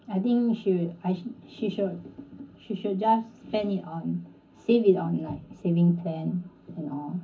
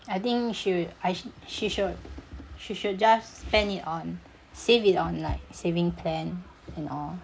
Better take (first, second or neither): second